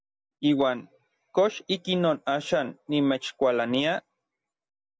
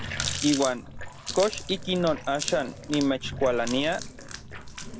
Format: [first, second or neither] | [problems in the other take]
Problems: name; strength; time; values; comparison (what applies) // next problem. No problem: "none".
first | background sound (Water tap, faucet); 7 dB below the speech